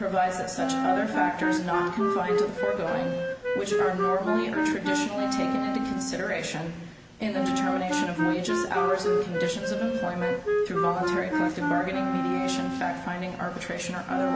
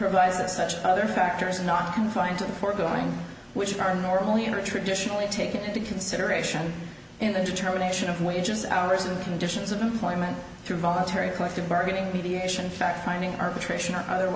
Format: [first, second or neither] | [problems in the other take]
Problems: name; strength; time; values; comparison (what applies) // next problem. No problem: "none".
second | background sound (Wind instrument, woodwind instrument); 1 dB above the speech